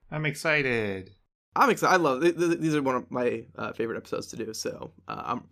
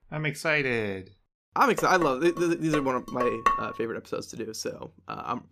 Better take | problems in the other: first | clattering dishes; loud; from 2 to 3.5 s; peak 1 dB above the speech

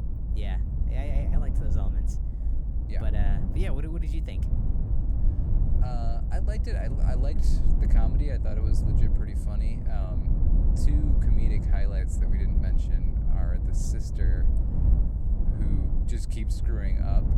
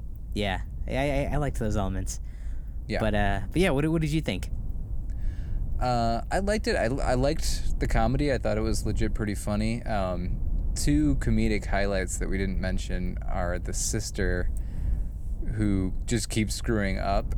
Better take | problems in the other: second | low rumble; loud; throughout; as loud as the speech; faint in the second

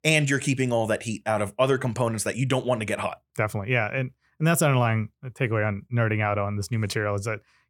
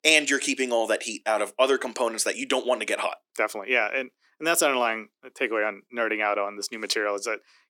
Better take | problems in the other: first | thin; somewhat; fading below 300 Hz

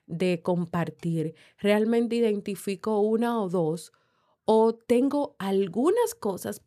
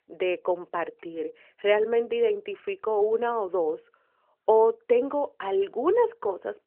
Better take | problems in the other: first | phone-call audio; nothing above 3 kHz

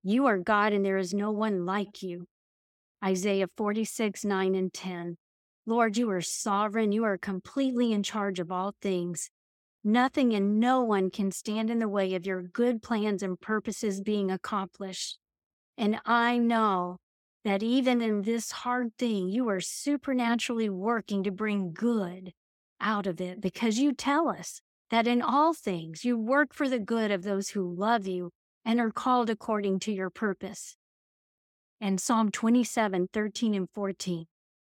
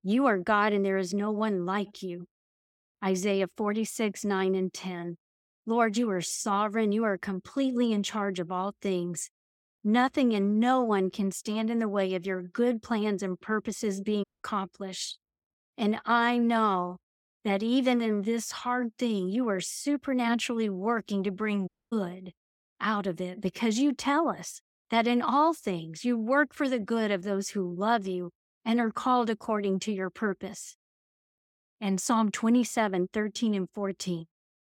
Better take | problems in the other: first | audio cutting out; at 14 s and at 22 s

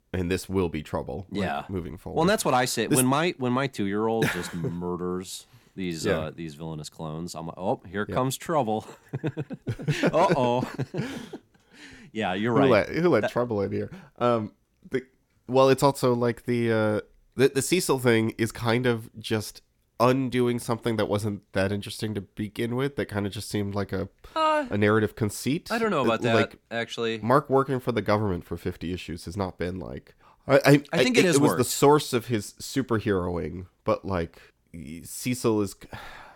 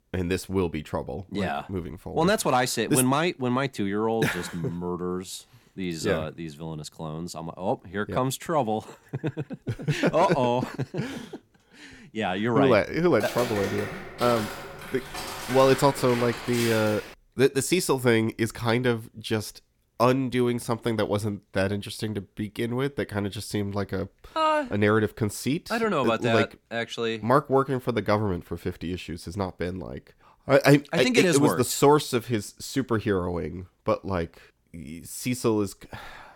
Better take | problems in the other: first | footsteps; noticeable; from 13 to 17 s; peak 5 dB below the speech

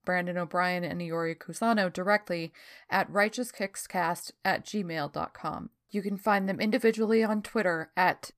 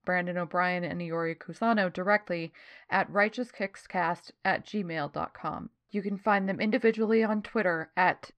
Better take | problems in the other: first | muffled; very slightly; fading above 3 kHz

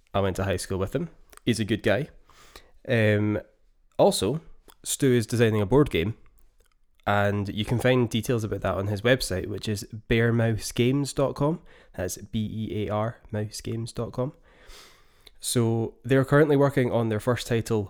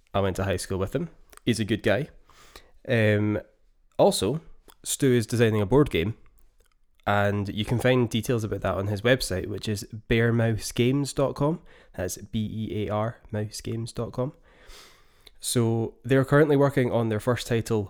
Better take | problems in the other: neither | none

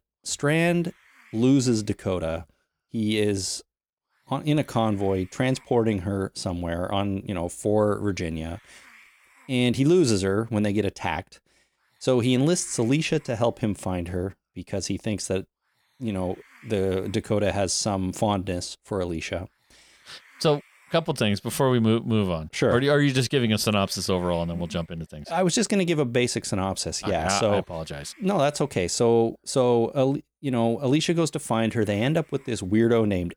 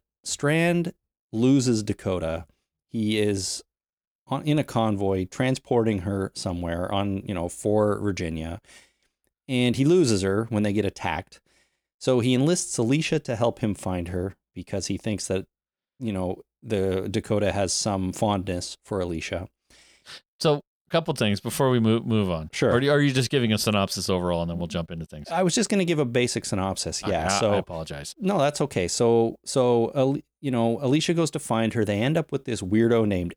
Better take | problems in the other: second | hiss; faint; throughout; 30 dB below the speech

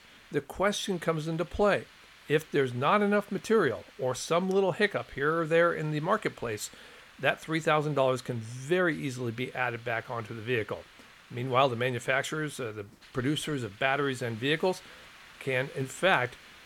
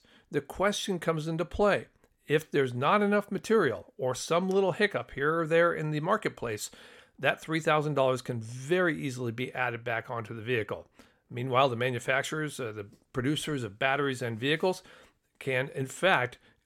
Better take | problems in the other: second | hiss; faint; throughout; 25 dB below the speech

